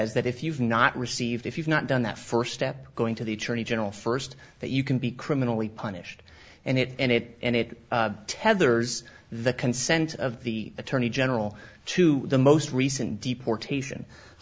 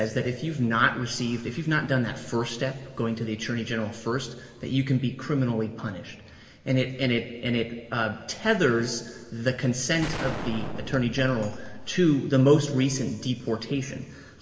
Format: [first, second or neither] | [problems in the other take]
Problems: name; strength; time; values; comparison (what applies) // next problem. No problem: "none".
first | background sound (Gunshot, gunfire); 9 dB below the speech // room echo; dies away in 1.7 s